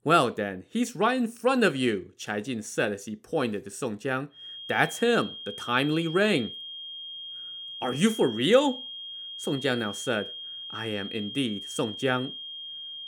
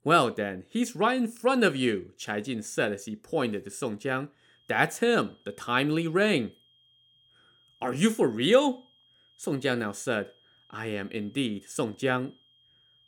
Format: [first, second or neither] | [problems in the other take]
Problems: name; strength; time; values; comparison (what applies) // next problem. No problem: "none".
second | high-pitched whine; loud; from 4.5 s on; 3 kHz, 9 dB below the speech; faint in the second